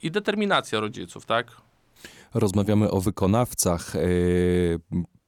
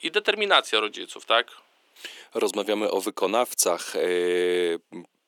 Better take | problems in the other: first | thin; very; fading below 350 Hz

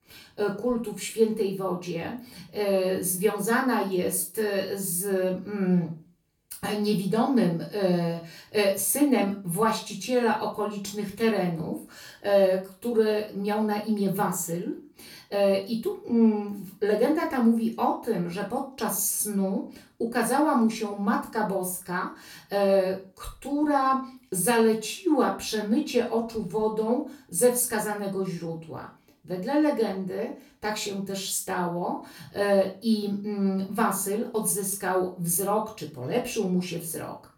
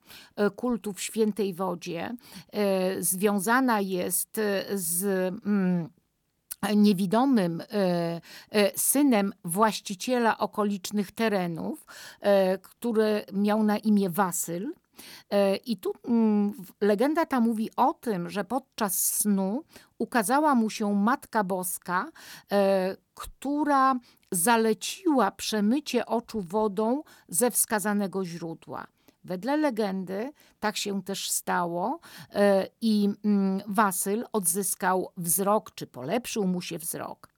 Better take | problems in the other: second | off-mic speech; far // room echo; slight; dies away in 0.3 s

